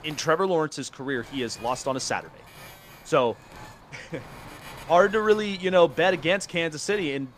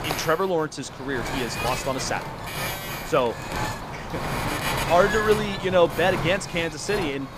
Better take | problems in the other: first | wind noise on the microphone; heavy; 5 dB below the speech; occasional gusts in the first

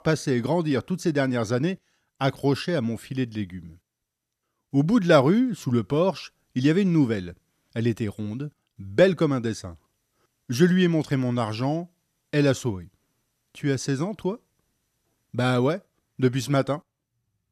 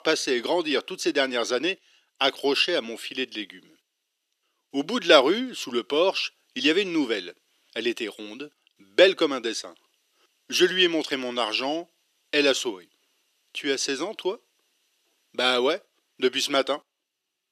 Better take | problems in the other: first | thin; somewhat; fading below 350 Hz

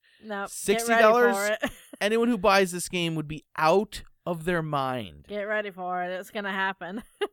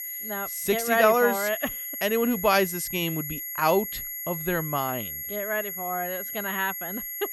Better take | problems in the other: first | high-pitched whine; loud; throughout; 11.5 kHz, 5 dB below the speech

